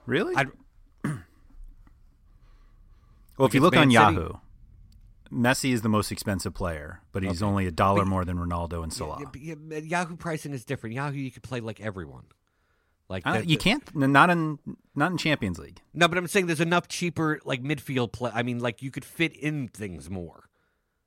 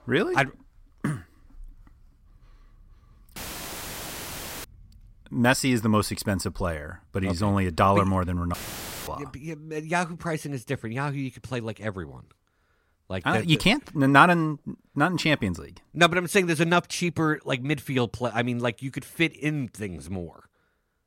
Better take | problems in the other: first | audio cutting out; filled with static; at 3.5 s for 1.5 s and at 8.5 s for 0.5 s

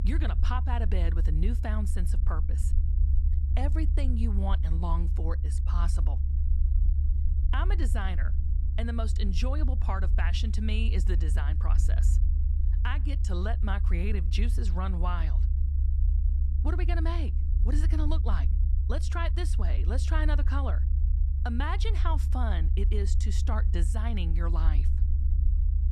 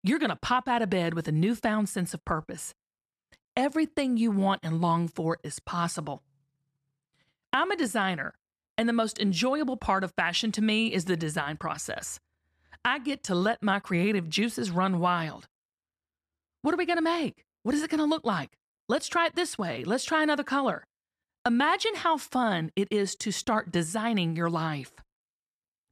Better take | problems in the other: second | low rumble; loud; throughout; 9 dB below the speech

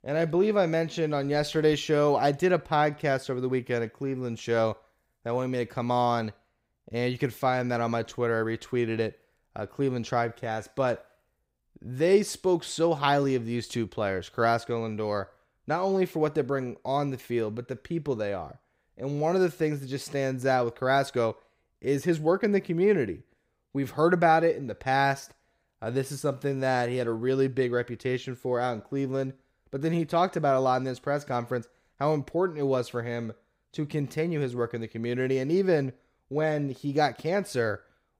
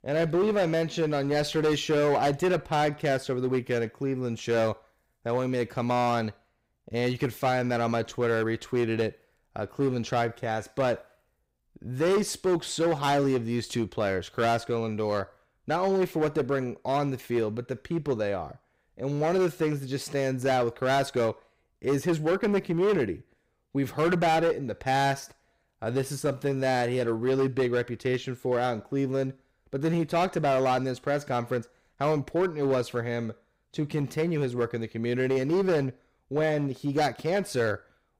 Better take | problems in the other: first | distortion; slight; 9% of the sound clipped

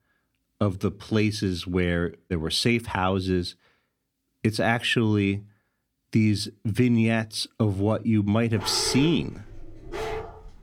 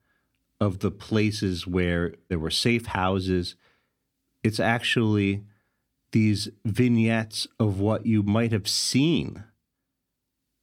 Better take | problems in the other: second | dog barking; noticeable; from 8.5 s on; peak 6 dB below the speech

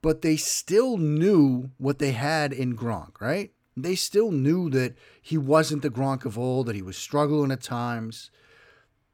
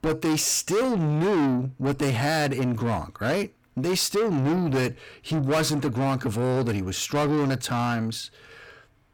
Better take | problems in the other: first | distortion; heavy; 6 dB below the speech

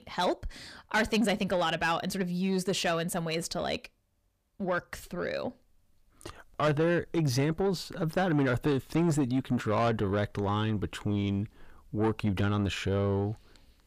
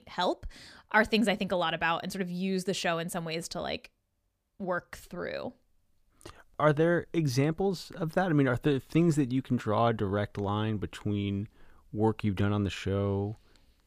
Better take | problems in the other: second | distortion; slight; 10 dB below the speech

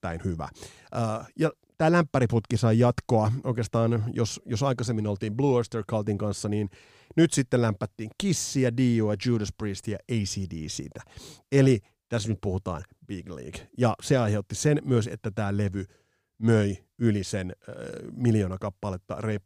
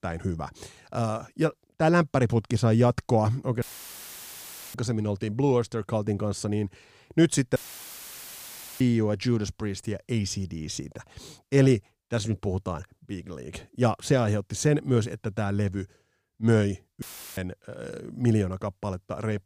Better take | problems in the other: first | audio cutting out; filled with static; at 3.5 s for 1 s, at 7.5 s for 1 s and at 17 s

